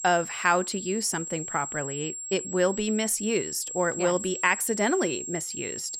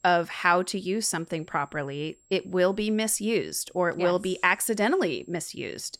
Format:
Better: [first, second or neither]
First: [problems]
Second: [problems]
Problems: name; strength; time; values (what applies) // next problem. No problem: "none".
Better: second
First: high-pitched whine; loud; throughout; 7.5 kHz, 6 dB below the speech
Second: high-pitched whine; faint; throughout; 7.5 kHz, 35 dB below the speech